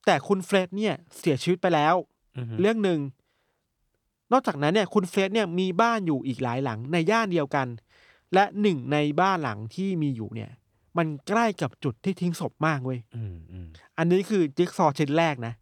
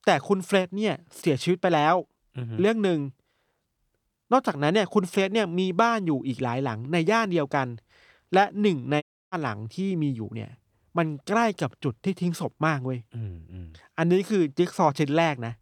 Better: first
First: none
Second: audio cutting out; at 9 s

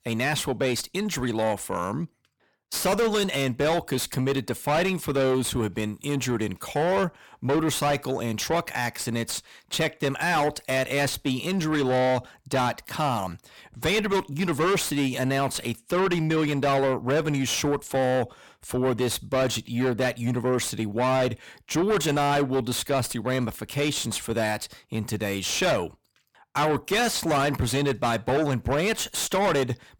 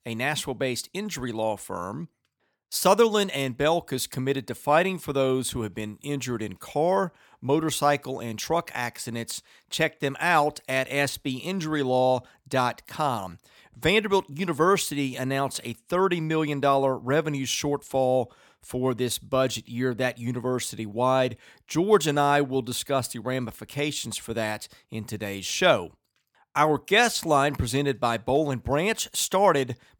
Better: second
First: distortion; heavy; 6 dB below the speech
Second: none

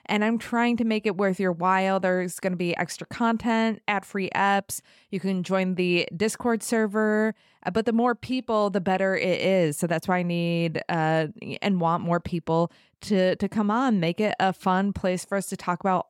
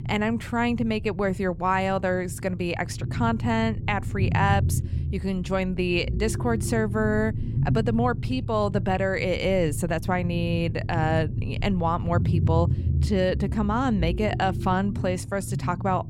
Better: first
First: none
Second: low rumble; noticeable; throughout; 15 dB below the speech

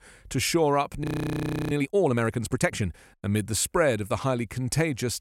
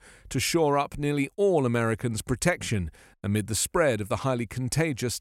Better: second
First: audio freezing; at 1 s for 0.5 s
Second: none

